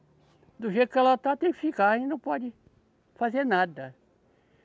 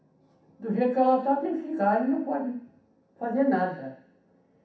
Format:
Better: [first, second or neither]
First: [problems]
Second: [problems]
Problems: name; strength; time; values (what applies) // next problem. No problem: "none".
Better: first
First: none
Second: room echo; dies away in 0.7 s